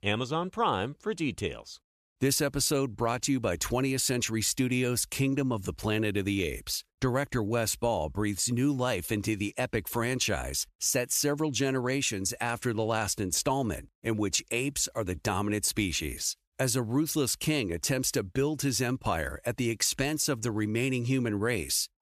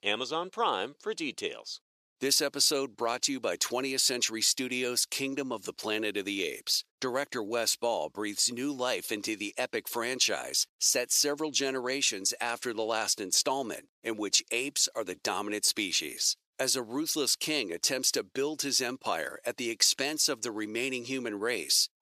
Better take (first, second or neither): first